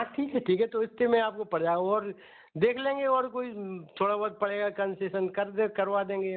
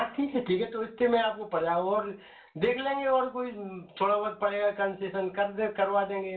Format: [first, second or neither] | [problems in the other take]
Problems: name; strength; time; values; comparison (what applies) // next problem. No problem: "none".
first | room echo; dies away in 0.3 s